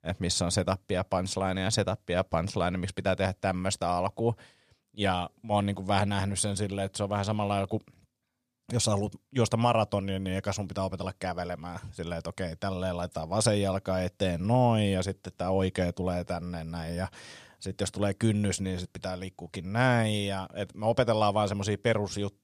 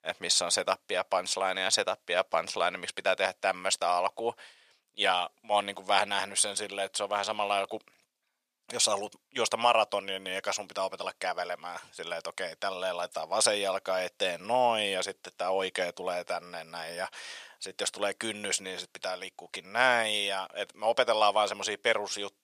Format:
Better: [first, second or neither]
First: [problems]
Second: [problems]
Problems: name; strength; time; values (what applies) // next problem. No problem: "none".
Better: first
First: none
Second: thin; very; fading below 650 Hz